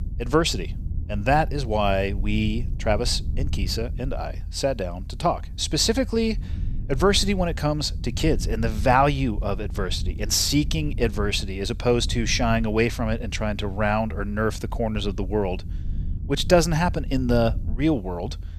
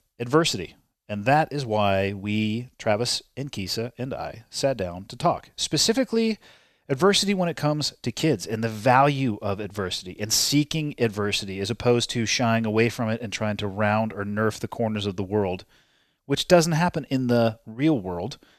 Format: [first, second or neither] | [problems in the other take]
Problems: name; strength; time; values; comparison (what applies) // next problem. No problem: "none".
second | low rumble; faint; throughout; 25 dB below the speech